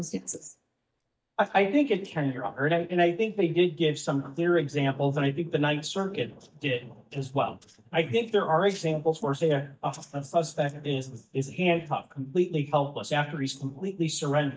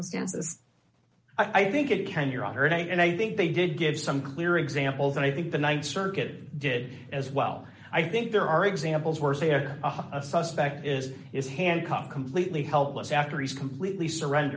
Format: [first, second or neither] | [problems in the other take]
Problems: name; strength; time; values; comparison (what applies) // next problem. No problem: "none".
second | noise reduction (neural mask model DeepFilterNet 3)